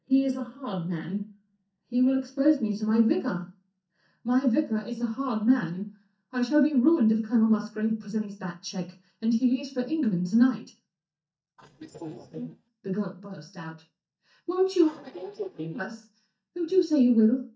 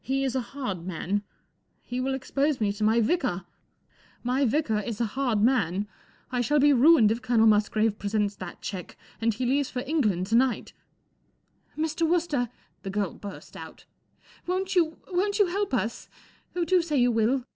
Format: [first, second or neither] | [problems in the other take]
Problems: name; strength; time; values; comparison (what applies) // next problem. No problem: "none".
second | noise reduction (neural mask model DeepFilterNet 3)